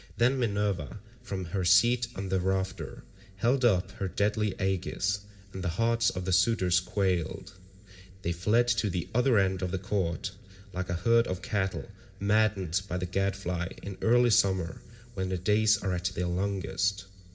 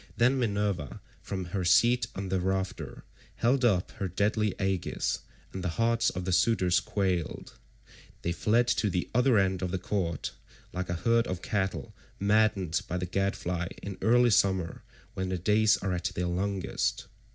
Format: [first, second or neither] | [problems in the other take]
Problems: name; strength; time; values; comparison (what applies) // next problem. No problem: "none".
second | room echo; dies away in 2.3 s